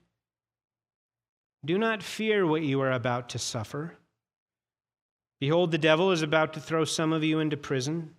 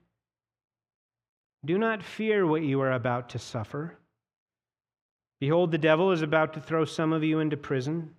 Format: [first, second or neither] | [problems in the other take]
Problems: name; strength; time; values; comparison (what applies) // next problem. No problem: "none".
first | muffled; slightly; fading above 3.5 kHz